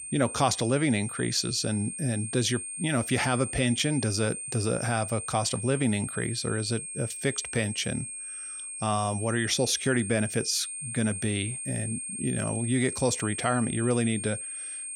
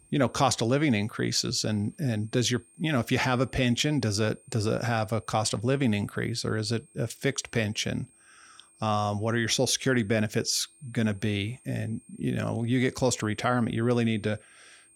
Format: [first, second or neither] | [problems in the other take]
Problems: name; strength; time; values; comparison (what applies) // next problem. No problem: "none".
second | high-pitched whine; loud; throughout; 8.5 kHz, 6 dB below the speech; faint in the second